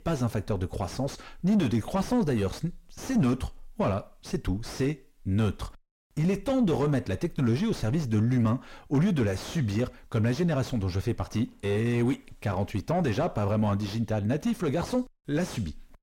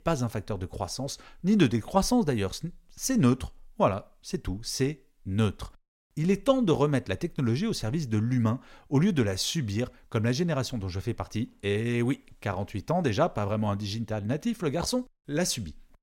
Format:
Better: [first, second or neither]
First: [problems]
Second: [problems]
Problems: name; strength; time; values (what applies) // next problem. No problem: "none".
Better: second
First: distortion; heavy; 6 dB below the speech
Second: none